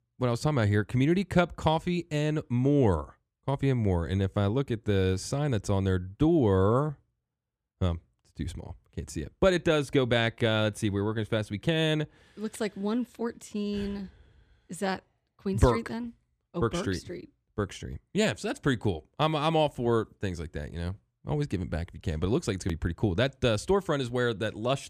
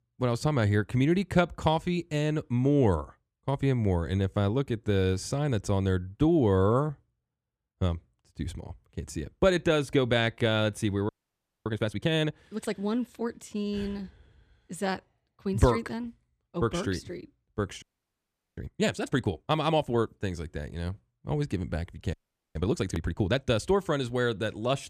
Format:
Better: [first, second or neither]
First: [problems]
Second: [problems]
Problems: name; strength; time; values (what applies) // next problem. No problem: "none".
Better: first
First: none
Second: audio freezing; at 11 s for 0.5 s, at 18 s for 1 s and at 22 s